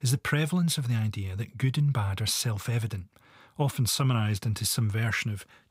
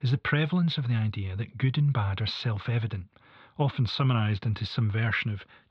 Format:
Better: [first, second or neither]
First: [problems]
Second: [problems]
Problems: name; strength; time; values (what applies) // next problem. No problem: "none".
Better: first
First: none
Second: muffled; slightly; fading above 4 kHz